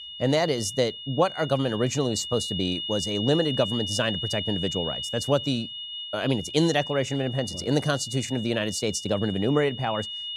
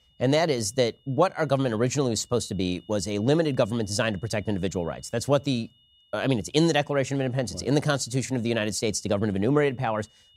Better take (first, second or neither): second